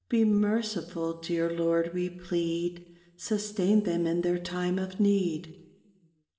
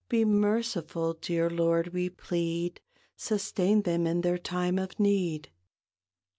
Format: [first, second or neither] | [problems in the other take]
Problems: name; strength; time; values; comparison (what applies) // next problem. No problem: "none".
second | room echo; dies away in 1.1 s